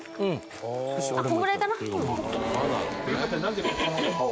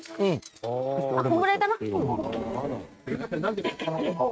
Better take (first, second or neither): first